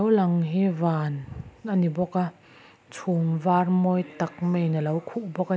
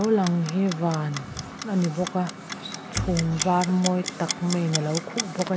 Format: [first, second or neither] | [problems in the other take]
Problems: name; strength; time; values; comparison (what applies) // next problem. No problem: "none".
first | background sound (Clock + Bowed string instrument); 8 dB below the speech